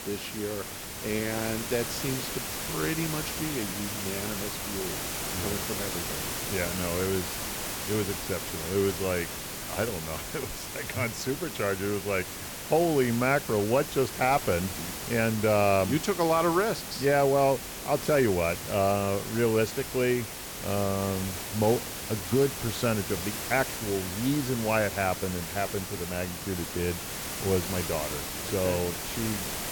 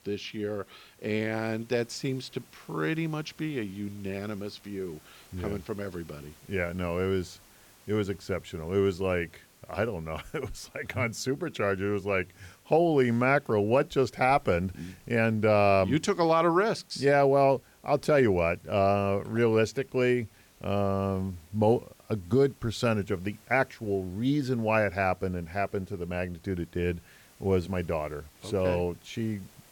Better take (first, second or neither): second